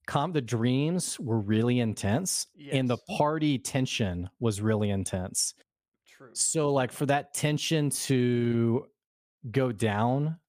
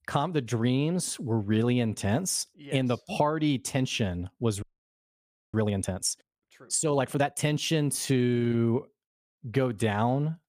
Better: first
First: none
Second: audio freezing; at 4.5 s for 1 s

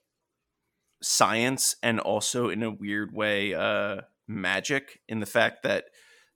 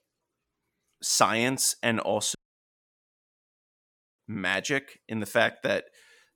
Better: first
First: none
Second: audio cutting out; at 2.5 s for 2 s

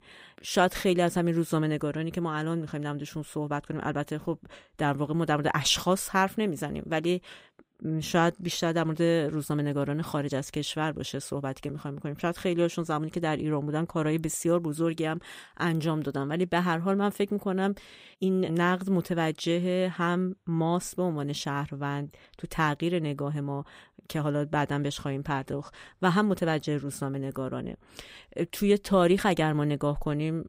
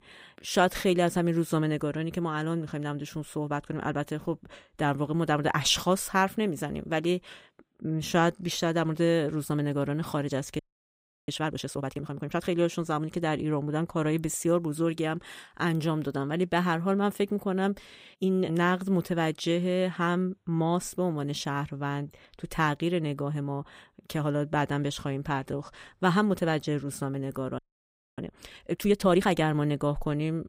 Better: first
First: none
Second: audio freezing; at 11 s for 0.5 s and at 28 s for 0.5 s

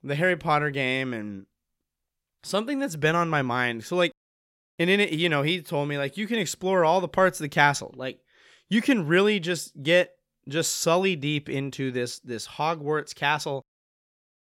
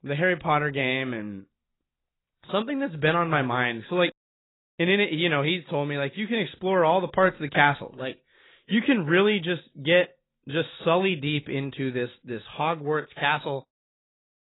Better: first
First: none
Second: garbled, watery; badly; nothing above 4 kHz

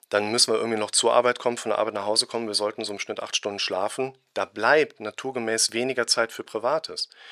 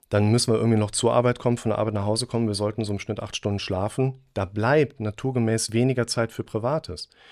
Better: second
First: thin; very; fading below 450 Hz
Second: none

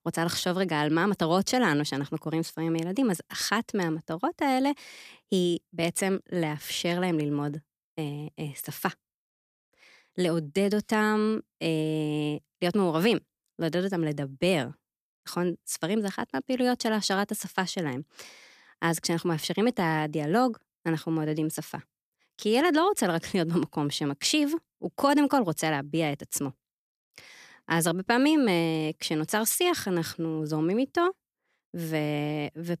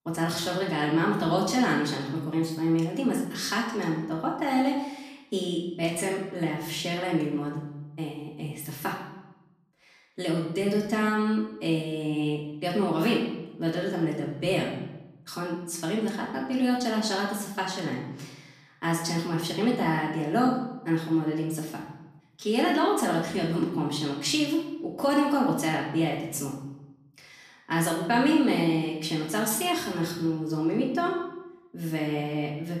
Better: first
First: none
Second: room echo; noticeable; dies away in 0.8 s // off-mic speech; far

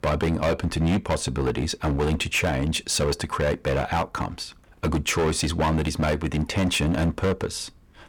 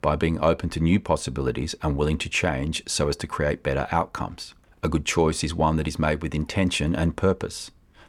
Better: second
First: distortion; heavy; 15% of the sound clipped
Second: none

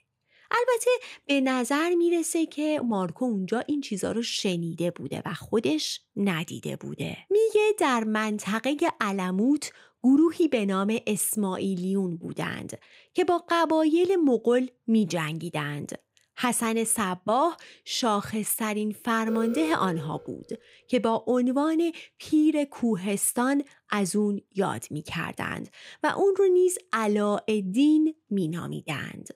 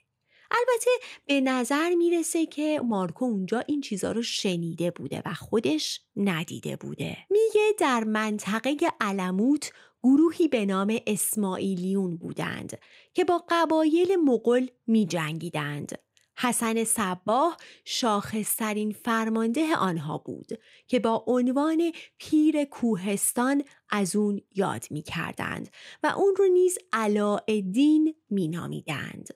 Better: second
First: alarm; noticeable; from 19 to 20 s; peak 8 dB below the speech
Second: none

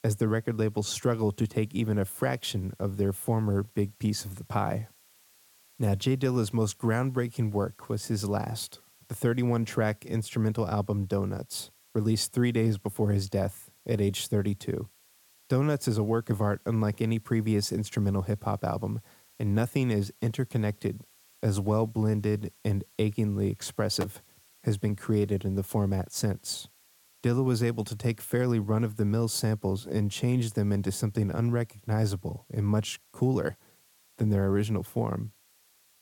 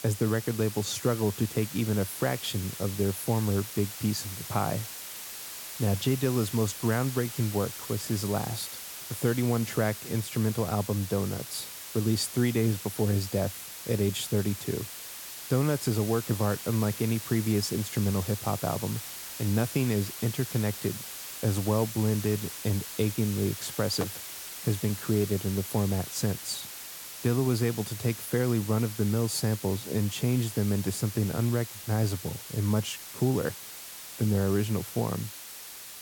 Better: first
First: hiss; faint; throughout; 30 dB below the speech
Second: hiss; loud; throughout; 9 dB below the speech

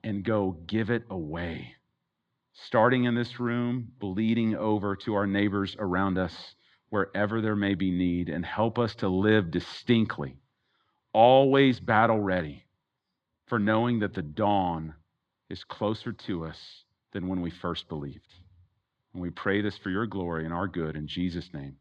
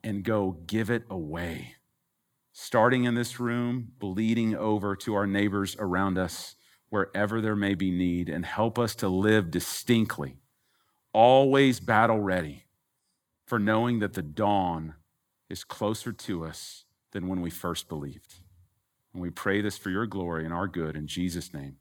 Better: second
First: muffled; very slightly; fading above 4 kHz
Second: none

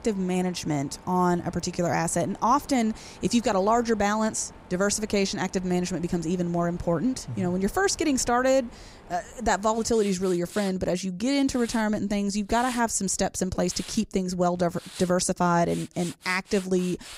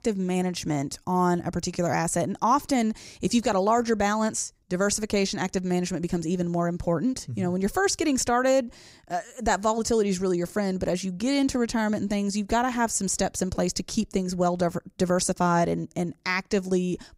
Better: second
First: machinery noise; noticeable; throughout; 20 dB below the speech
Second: none

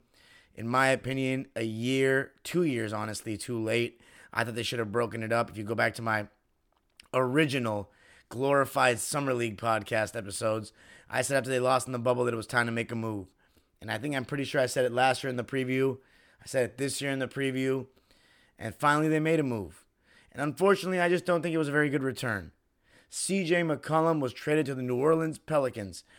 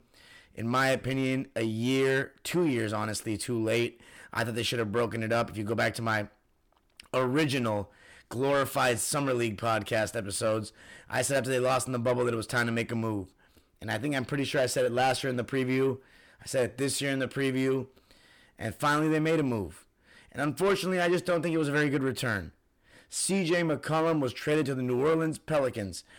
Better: first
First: none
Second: distortion; slight; 10 dB below the speech

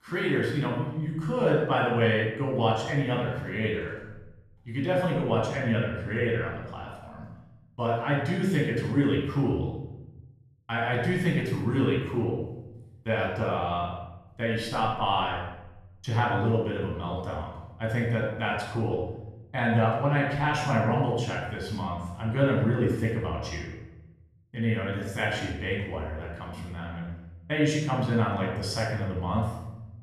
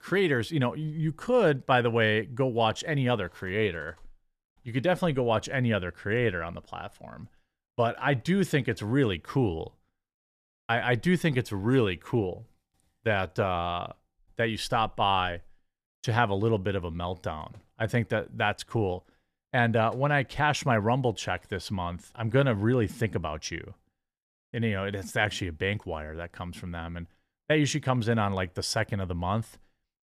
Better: second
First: off-mic speech; far // room echo; noticeable; dies away in 0.9 s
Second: none

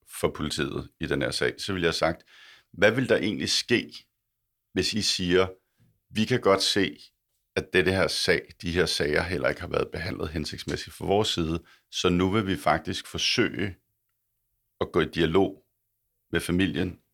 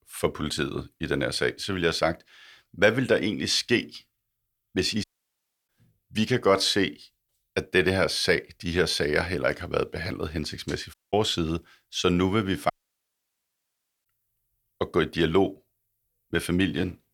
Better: first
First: none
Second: audio cutting out; at 5 s for 0.5 s, at 11 s and at 13 s for 1.5 s

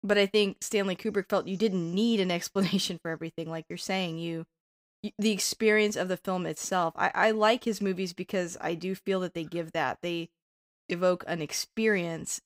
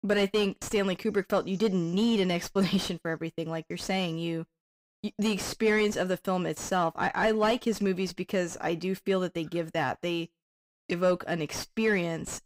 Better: first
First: none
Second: distortion; slight; 10 dB below the speech

